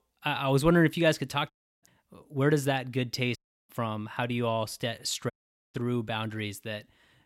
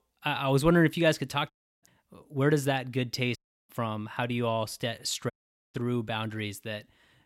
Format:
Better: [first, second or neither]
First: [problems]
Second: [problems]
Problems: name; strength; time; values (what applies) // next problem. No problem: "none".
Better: neither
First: audio cutting out; at 1.5 s, at 3.5 s and at 5.5 s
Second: audio cutting out; at 1.5 s, at 3.5 s and at 5.5 s